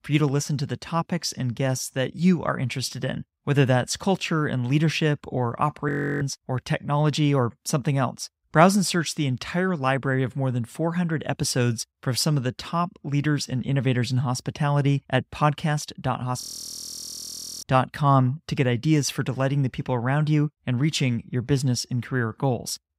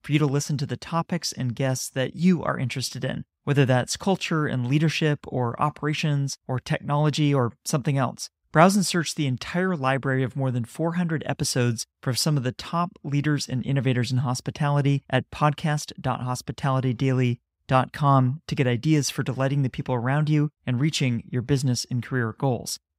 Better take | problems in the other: second | audio freezing; at 6 s and at 16 s for 1 s

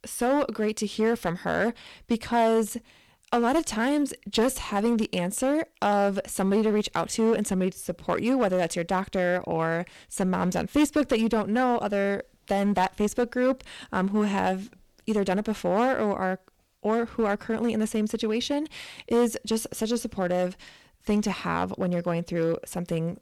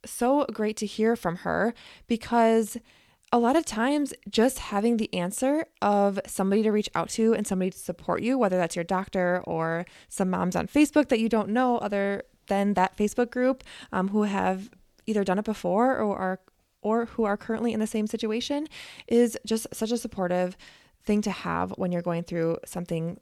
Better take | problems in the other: second | distortion; slight; 6% of the sound clipped

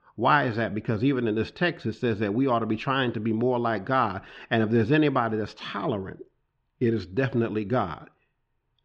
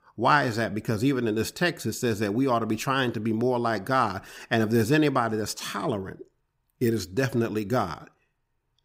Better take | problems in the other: second | muffled; slightly; fading above 3.5 kHz

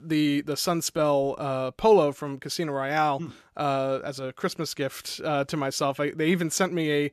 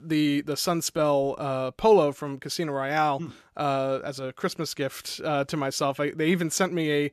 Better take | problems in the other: neither | none

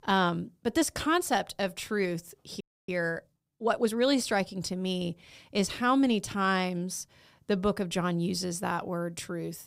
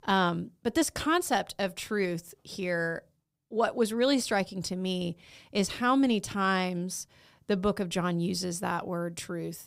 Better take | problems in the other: second | audio freezing; at 2.5 s

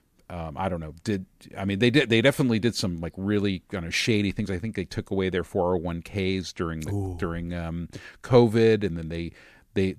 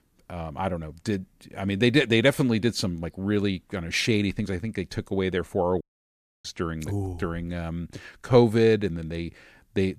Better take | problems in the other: first | audio cutting out; at 6 s for 0.5 s

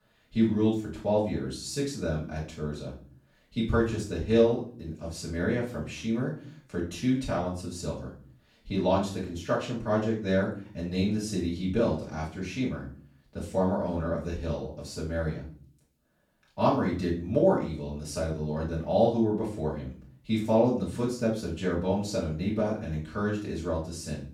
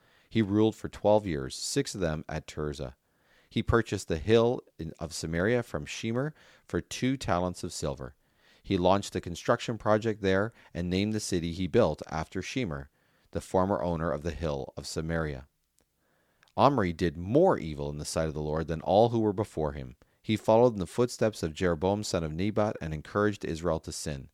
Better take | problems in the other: second | off-mic speech; far // room echo; noticeable; dies away in 0.4 s

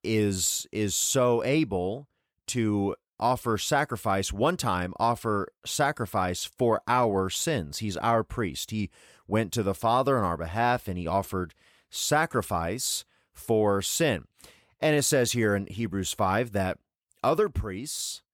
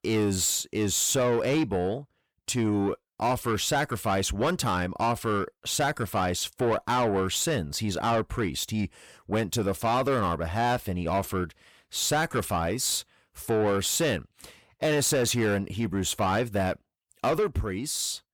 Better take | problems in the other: first | distortion; slight; 10 dB below the speech

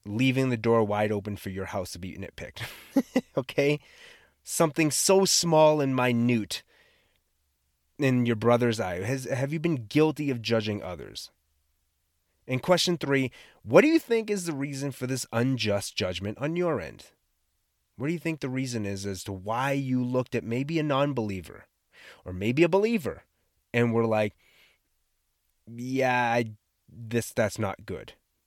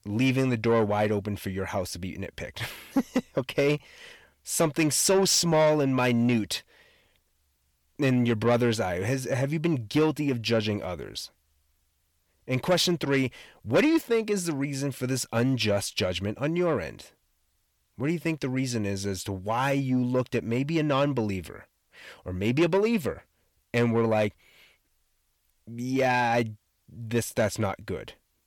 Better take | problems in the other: first | distortion; slight; 10 dB below the speech

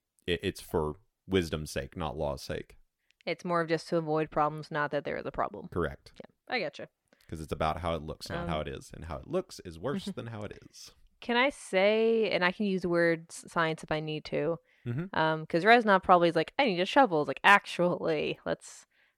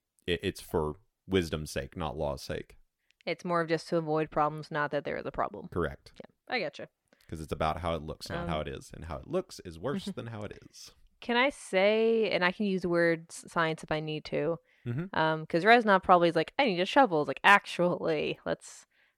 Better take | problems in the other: neither | none

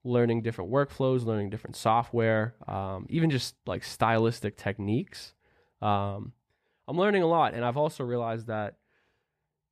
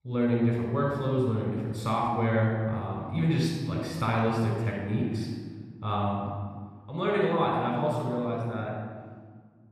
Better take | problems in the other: first | off-mic speech; somewhat distant // room echo; strong; dies away in 1.6 s

